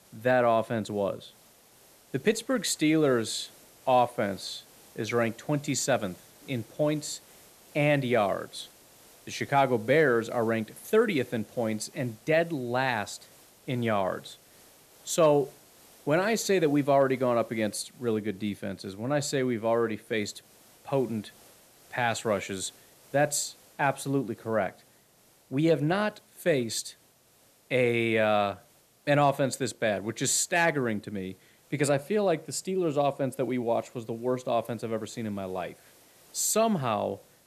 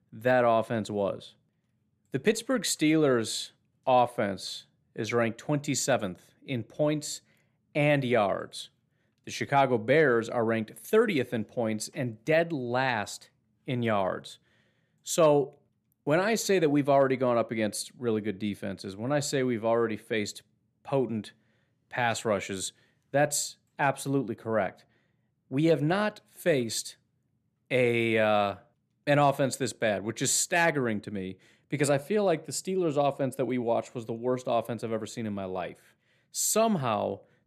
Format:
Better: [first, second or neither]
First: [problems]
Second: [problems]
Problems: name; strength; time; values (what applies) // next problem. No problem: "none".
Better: second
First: hiss; faint; throughout; 25 dB below the speech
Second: none